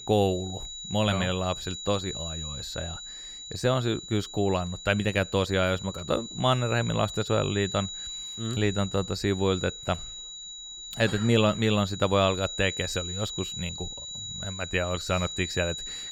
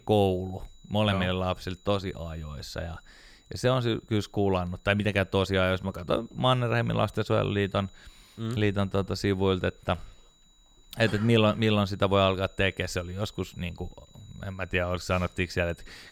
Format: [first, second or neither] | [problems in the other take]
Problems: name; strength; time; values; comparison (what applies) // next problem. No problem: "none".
second | high-pitched whine; loud; throughout; 4 kHz, 8 dB below the speech; faint in the second